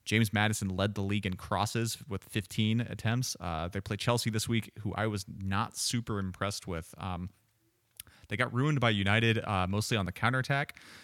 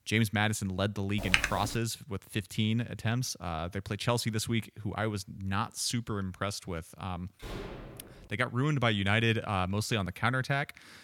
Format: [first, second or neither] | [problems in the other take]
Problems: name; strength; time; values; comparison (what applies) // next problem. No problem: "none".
first | keyboard typing; loud; at 1 s; peak 4 dB above the speech // door banging; noticeable; at 7.5 s; peak 10 dB below the speech